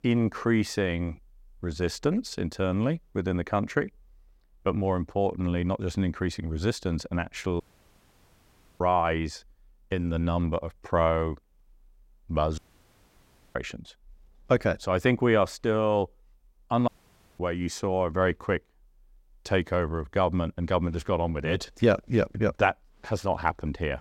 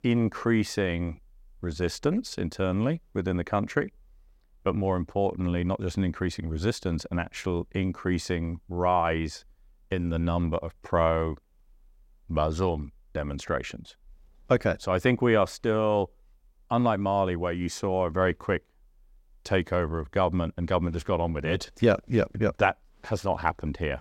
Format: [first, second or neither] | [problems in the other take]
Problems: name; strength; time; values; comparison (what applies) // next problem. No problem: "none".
second | audio cutting out; at 7.5 s for 1 s, at 13 s for 1 s and at 17 s for 0.5 s